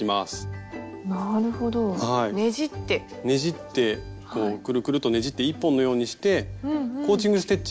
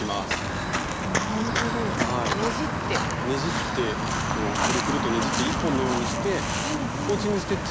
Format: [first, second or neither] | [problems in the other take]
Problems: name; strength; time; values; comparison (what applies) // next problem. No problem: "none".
first | background sound (Walk, footsteps); 3 dB above the speech